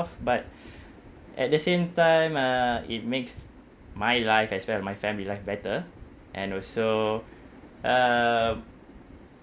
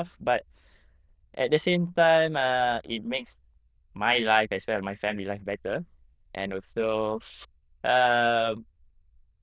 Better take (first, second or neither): first